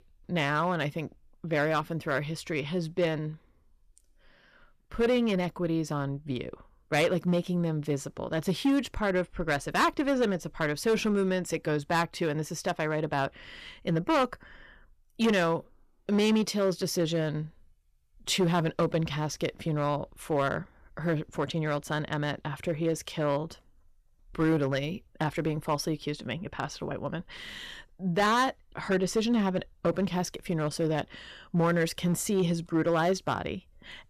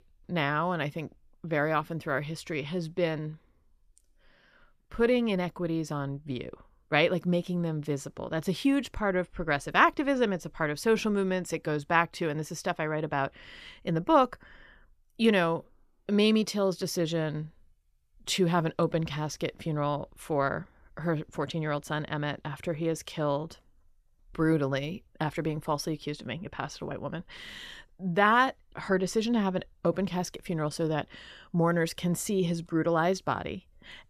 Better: second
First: distortion; slight; 4% of the sound clipped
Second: none

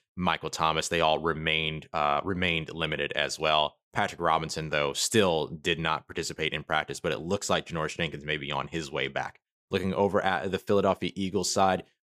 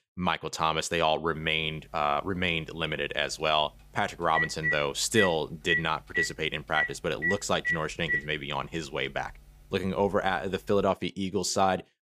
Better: first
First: none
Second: phone ringing; loud; from 4.5 to 11 s; peak 2 dB above the speech

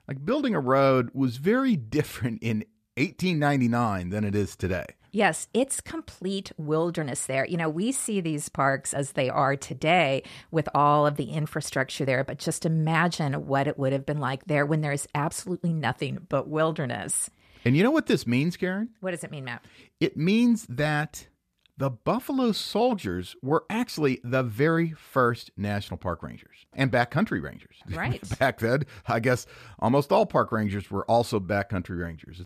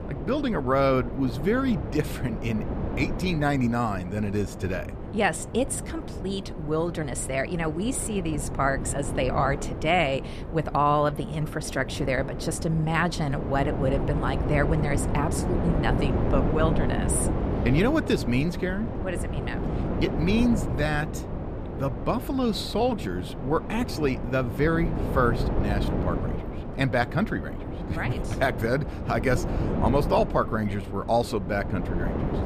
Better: first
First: none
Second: wind noise on the microphone; heavy; 8 dB below the speech

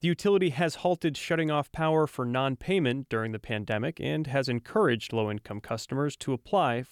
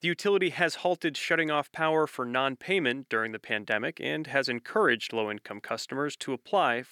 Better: first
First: none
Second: thin; somewhat; fading below 250 Hz

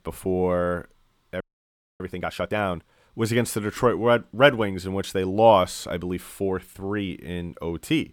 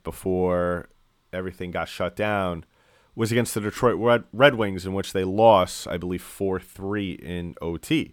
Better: second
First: audio freezing; at 1.5 s for 0.5 s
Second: none

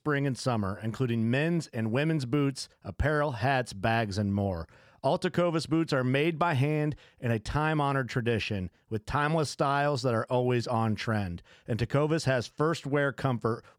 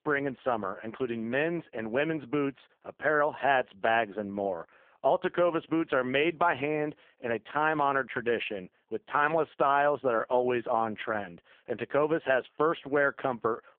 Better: first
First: none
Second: phone-call audio; poor line

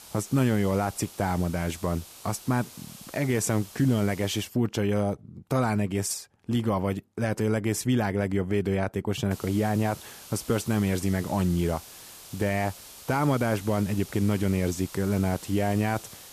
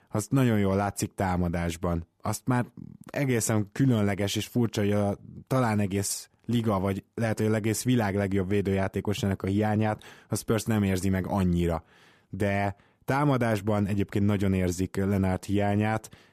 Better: second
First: hiss; noticeable; until 4.5 s and from 9.5 s on; 15 dB below the speech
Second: none

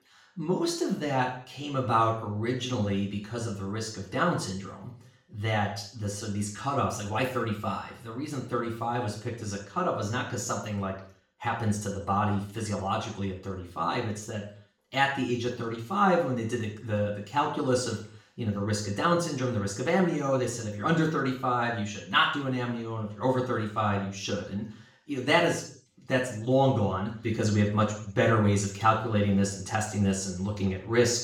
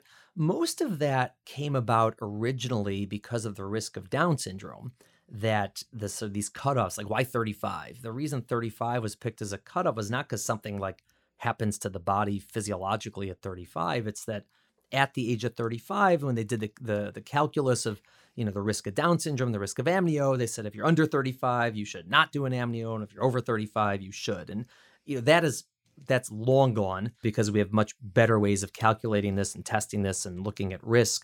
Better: second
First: room echo; noticeable; dies away in 0.5 s // off-mic speech; far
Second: none

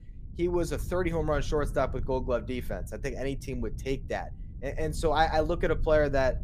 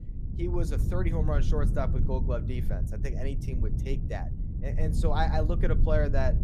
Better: first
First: low rumble; faint; throughout; 25 dB below the speech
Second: low rumble; loud; throughout; 9 dB below the speech

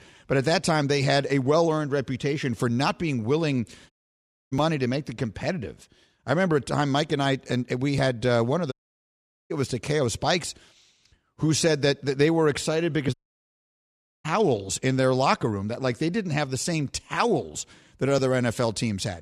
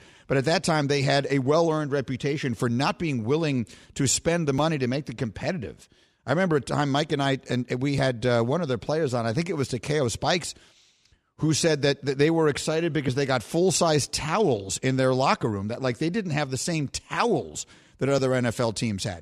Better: second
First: audio cutting out; at 4 s for 0.5 s, at 8.5 s for 1 s and at 13 s for 1 s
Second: none

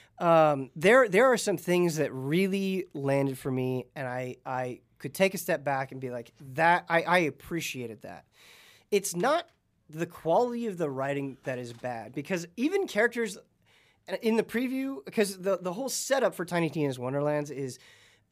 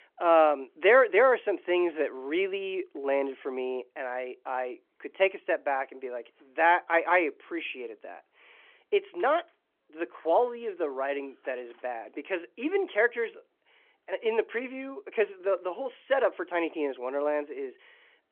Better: first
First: none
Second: phone-call audio

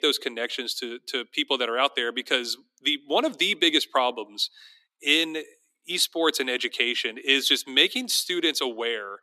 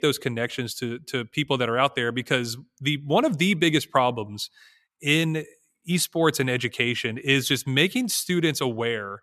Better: second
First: thin; somewhat; fading below 250 Hz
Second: none

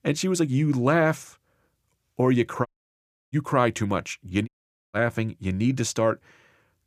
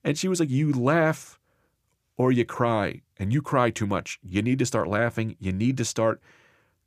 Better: second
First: audio cutting out; at 2.5 s for 0.5 s and at 4.5 s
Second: none

